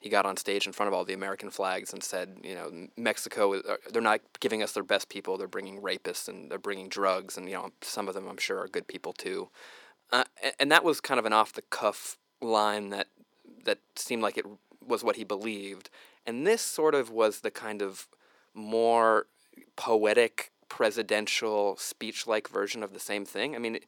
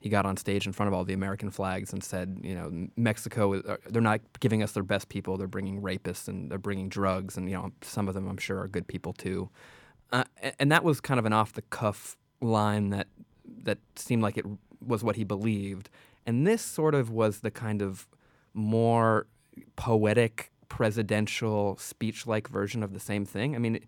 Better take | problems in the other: second | thin; somewhat; fading below 350 Hz

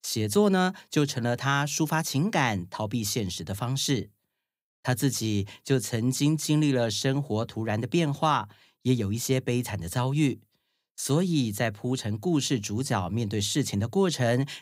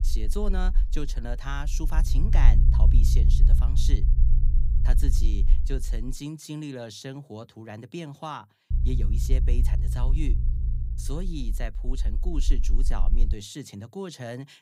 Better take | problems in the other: first | low rumble; loud; until 6 s and from 8.5 to 13 s; 7 dB below the speech

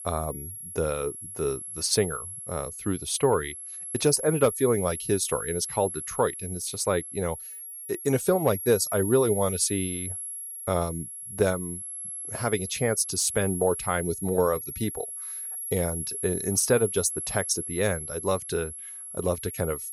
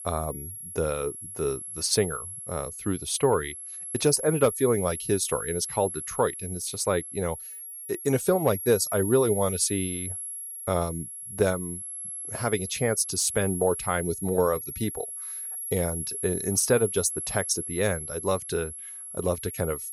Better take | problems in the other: neither | high-pitched whine; loud; throughout; 11 kHz, 7 dB below the speech; the same in both

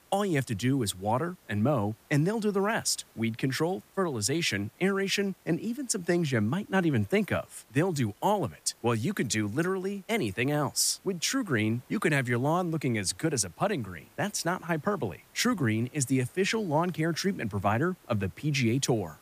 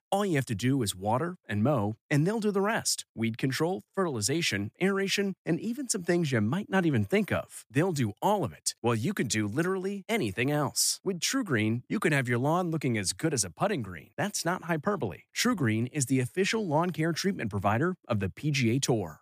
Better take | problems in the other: second | hiss; faint; throughout; 30 dB below the speech

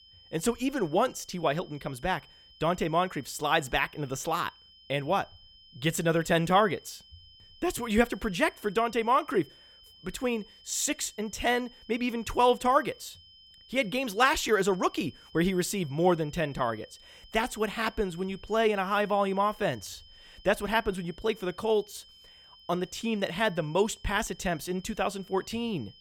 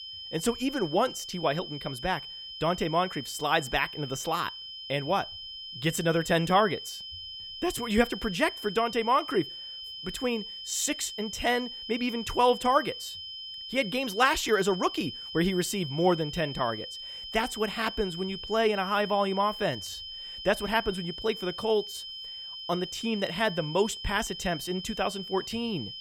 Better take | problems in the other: first | high-pitched whine; loud; throughout; 3 kHz, 9 dB below the speech; faint in the first

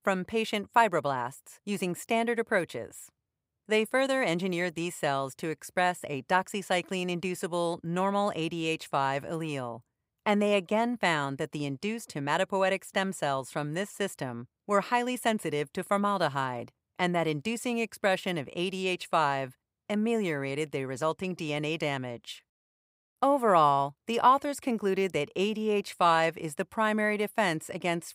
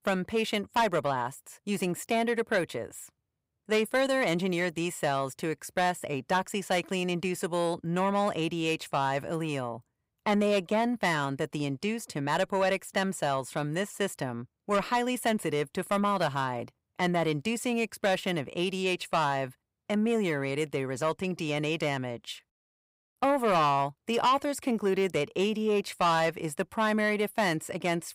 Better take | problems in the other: first | distortion; slight; 10 dB below the speech

